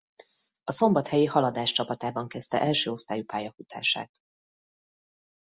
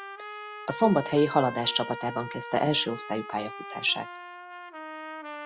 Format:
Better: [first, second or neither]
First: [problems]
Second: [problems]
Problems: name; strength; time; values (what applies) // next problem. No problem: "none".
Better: first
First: none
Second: background sound (Trumpet); 11 dB below the speech